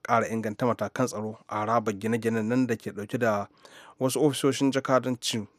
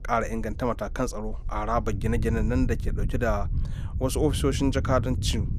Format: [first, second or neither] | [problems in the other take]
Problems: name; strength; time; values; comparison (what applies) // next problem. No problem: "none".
first | low rumble; noticeable; throughout; 15 dB below the speech